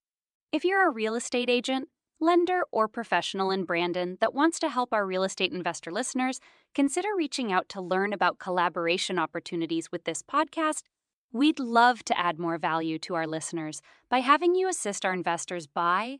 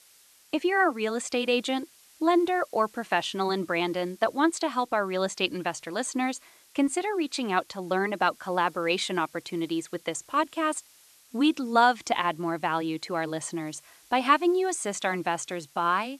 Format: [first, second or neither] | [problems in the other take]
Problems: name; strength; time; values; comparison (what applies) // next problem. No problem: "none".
first | hiss; faint; throughout; 25 dB below the speech